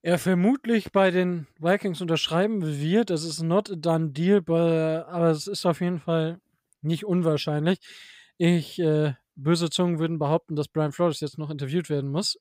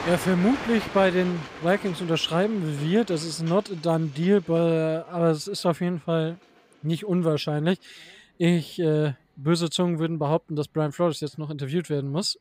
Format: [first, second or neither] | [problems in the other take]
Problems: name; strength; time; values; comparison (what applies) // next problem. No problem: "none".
first | train or aircraft noise; noticeable; throughout; 15 dB below the speech